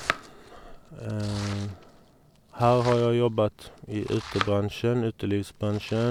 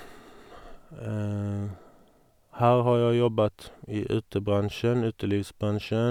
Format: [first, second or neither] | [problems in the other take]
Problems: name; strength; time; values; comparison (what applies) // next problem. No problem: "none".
second | background sound (Domestic sounds, home sounds); 12 dB below the speech